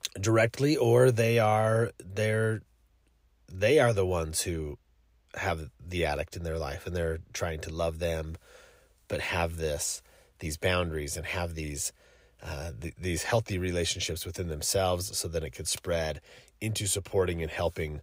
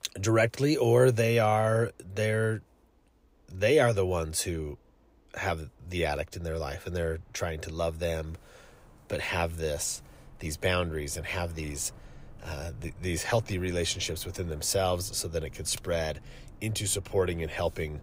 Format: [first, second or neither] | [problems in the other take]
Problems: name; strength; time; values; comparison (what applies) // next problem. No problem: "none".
first | train or aircraft noise; faint; throughout; 25 dB below the speech